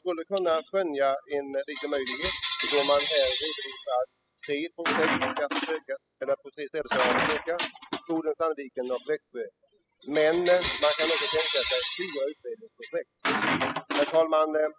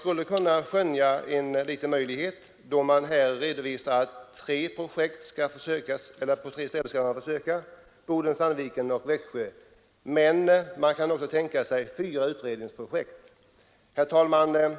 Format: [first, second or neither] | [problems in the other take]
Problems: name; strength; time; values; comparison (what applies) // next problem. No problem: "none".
second | noise reduction (classical method spectral subtraction)